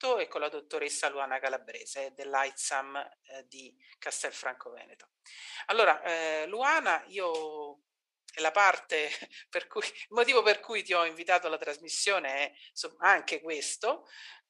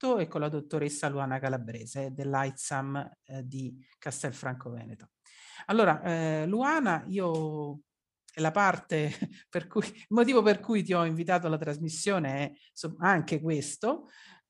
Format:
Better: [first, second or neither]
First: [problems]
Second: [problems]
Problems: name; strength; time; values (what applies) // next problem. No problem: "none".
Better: second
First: thin; very; fading below 450 Hz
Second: none